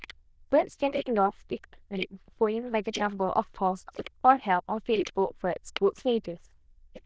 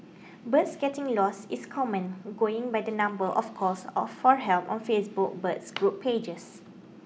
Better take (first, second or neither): second